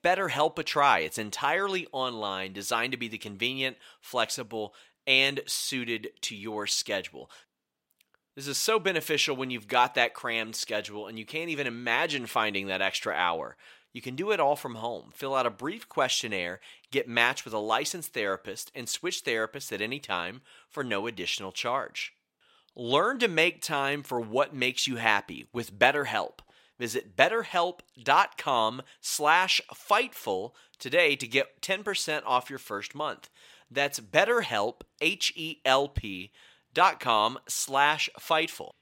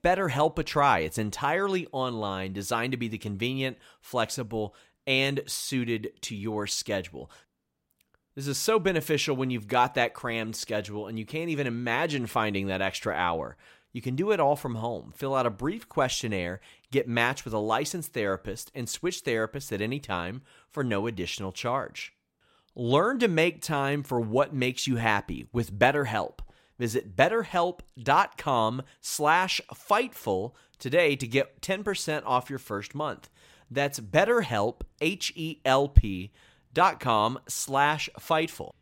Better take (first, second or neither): second